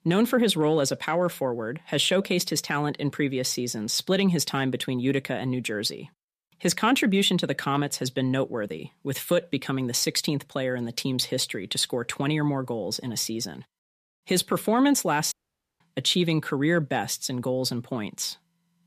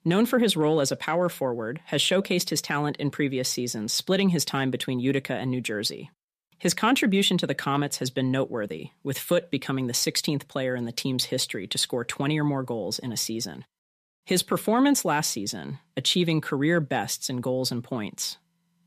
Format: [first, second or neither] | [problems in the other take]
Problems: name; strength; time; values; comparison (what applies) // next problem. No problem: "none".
second | audio cutting out; at 15 s